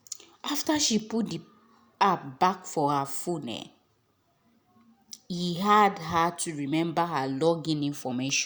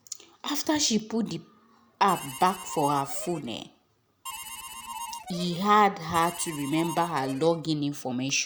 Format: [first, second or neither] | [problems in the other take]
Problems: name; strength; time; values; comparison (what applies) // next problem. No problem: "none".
first | background sound (Harmonica); 12 dB below the speech